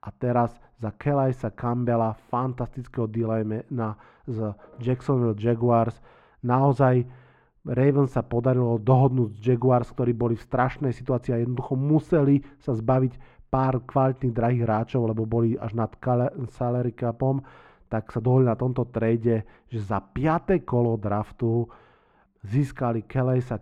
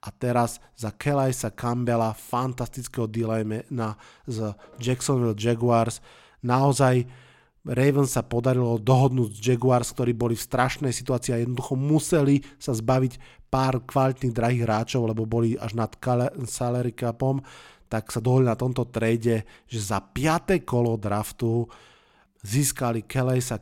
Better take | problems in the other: second | muffled; very; fading above 3.5 kHz

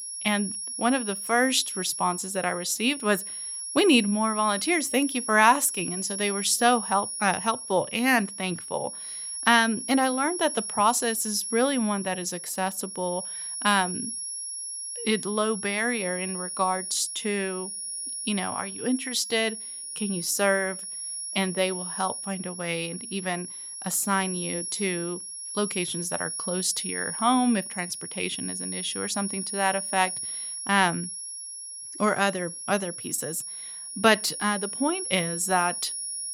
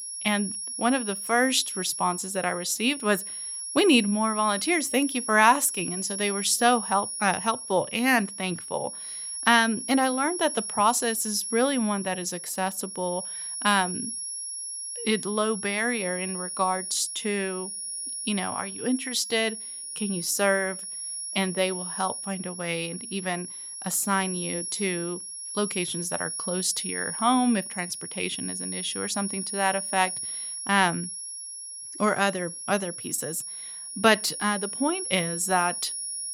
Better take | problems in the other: neither | high-pitched whine; loud; throughout; 10.5 kHz, 6 dB below the speech; the same in both

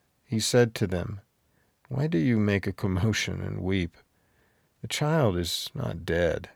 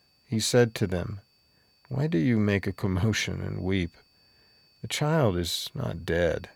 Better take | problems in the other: first | high-pitched whine; faint; throughout; 4.5 kHz, 35 dB below the speech

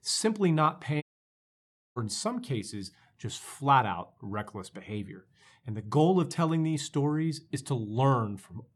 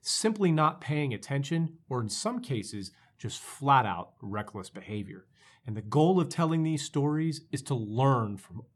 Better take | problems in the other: second | audio cutting out; at 1 s for 1 s

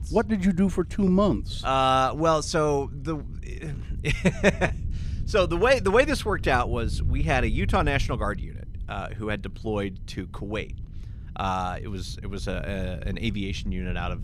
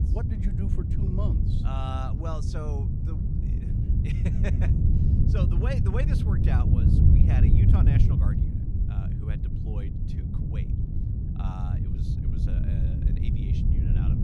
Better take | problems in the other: first | wind noise on the microphone; heavy; 2 dB above the speech; occasional gusts in the first

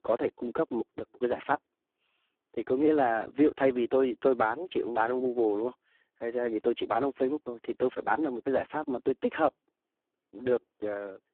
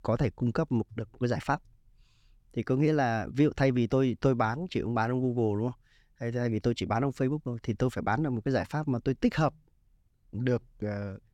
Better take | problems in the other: second | phone-call audio; poor line

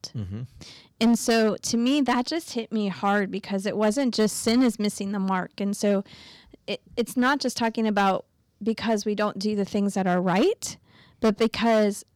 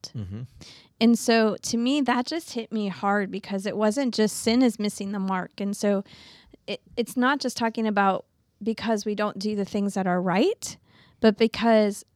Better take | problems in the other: second | distortion; slight; 4% of the sound clipped

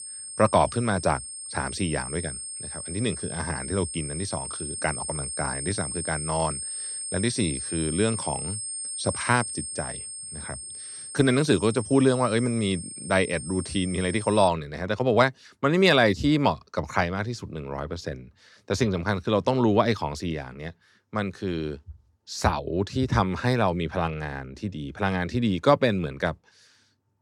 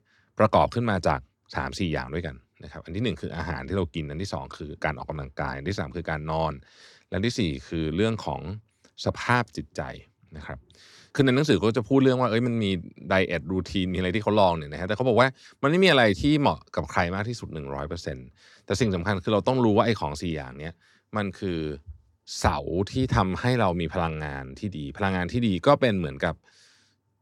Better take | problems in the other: second | high-pitched whine; loud; until 14 s; 8.5 kHz, 7 dB below the speech

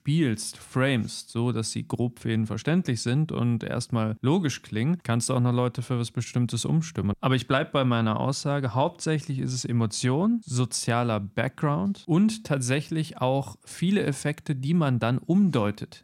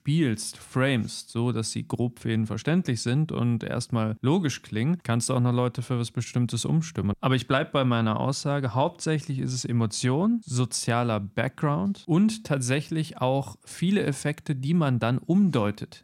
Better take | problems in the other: neither | none

